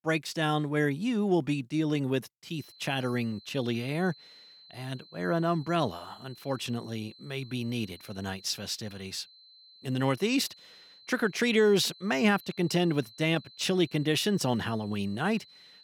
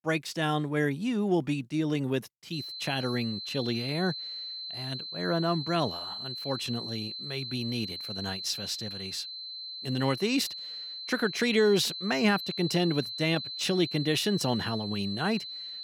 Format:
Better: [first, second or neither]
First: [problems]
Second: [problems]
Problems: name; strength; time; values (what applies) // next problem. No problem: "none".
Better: first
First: high-pitched whine; faint; from 2.5 s on; 4 kHz, 20 dB below the speech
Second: high-pitched whine; loud; from 2.5 s on; 4 kHz, 6 dB below the speech